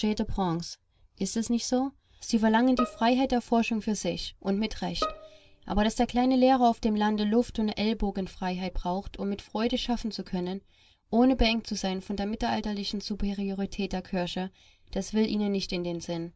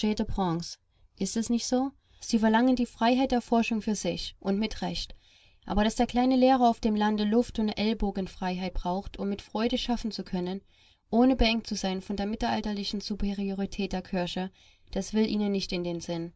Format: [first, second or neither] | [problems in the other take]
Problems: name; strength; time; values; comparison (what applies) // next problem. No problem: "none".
second | background sound (Bowed string instrument); 12 dB below the speech